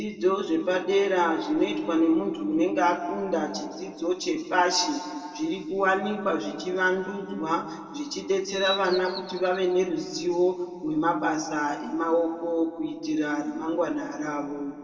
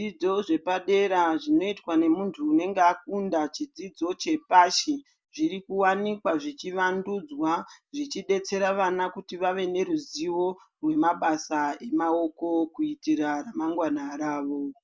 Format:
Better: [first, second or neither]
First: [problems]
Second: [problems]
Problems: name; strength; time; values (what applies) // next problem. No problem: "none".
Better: second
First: background sound (Bird vocalization, bird call, bird song); 10 dB below the speech // room echo; dies away in 1.9 s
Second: none